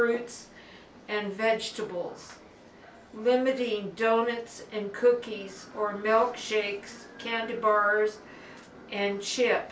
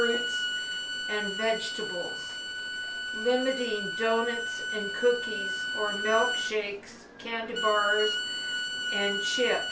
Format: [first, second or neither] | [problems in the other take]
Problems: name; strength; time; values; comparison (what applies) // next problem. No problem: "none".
first | background sound (Bowed string instrument); 2 dB below the speech